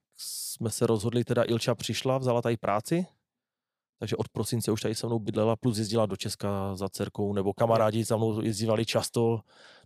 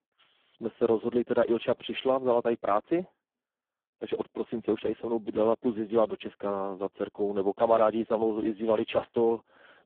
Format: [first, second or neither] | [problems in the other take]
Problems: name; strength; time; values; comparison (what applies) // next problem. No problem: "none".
first | phone-call audio; poor line